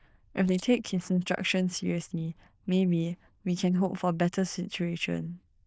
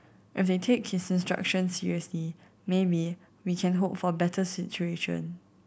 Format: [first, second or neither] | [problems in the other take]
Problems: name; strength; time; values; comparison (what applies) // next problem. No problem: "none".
second | noise reduction (neural diffusion model UNIVERSE++)